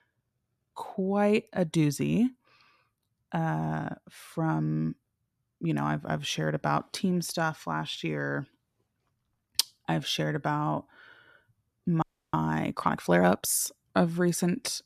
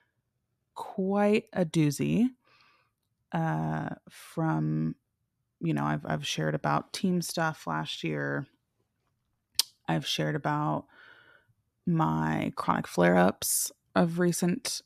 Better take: second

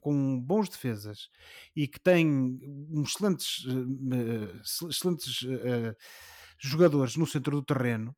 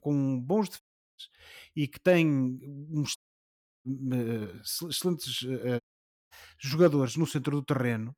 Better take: first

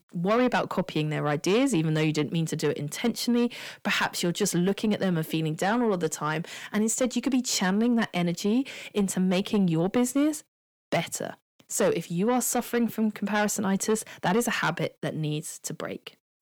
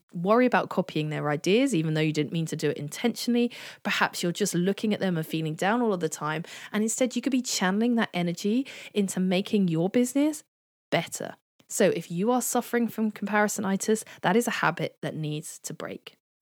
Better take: second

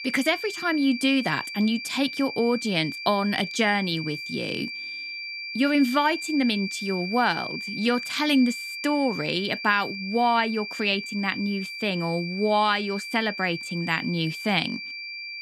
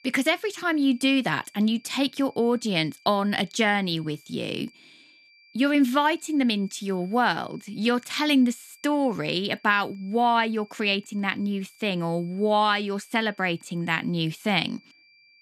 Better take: second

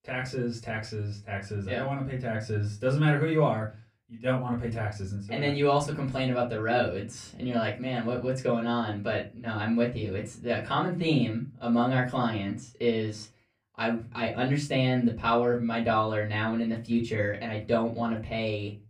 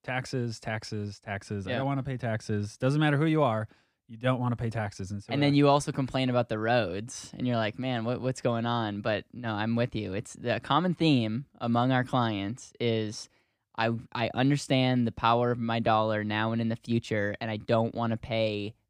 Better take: second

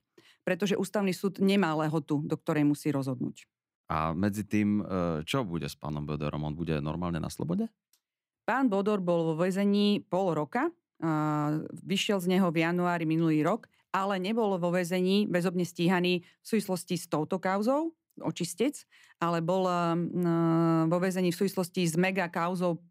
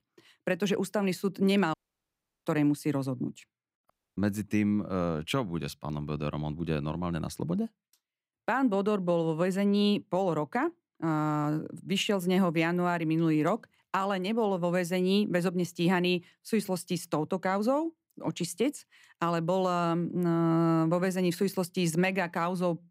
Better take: first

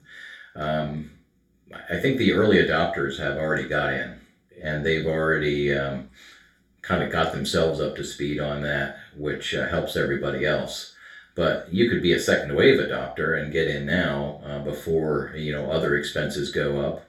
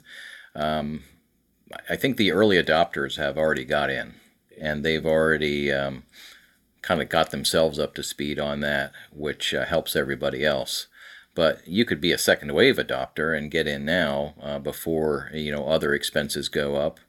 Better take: second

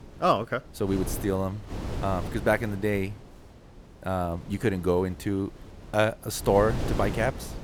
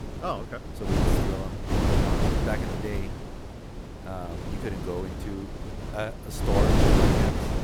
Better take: first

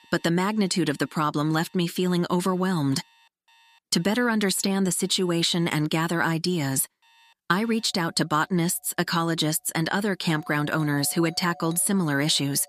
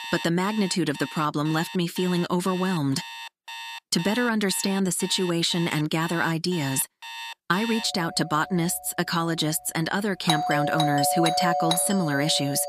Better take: first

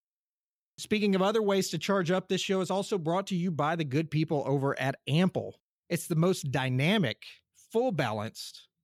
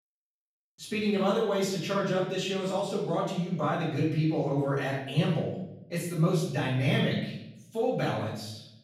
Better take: first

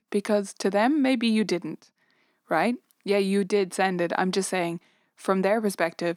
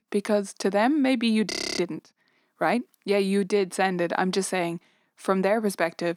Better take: first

